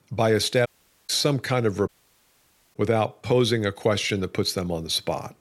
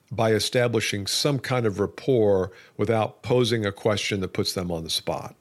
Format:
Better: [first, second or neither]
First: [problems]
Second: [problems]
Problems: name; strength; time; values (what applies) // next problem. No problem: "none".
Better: second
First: audio cutting out; at 0.5 s and at 2 s for 1 s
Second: none